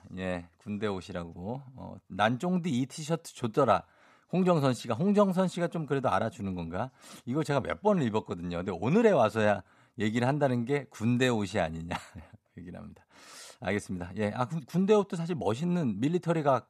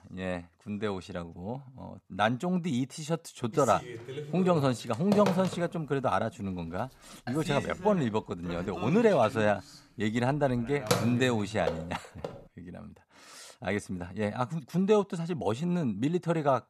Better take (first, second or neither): first